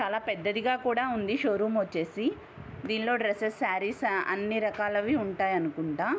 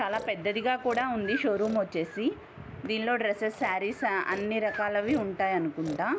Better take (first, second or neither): first